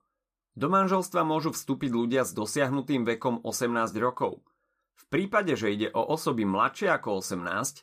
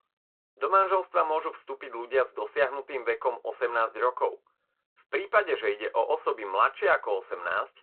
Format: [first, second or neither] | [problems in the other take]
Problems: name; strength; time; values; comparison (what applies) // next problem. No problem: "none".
first | phone-call audio